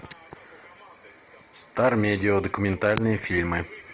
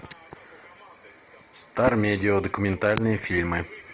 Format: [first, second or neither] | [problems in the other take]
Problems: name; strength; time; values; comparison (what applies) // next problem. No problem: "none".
first | background sound (Whoosh, swoosh, swish); 14 dB below the speech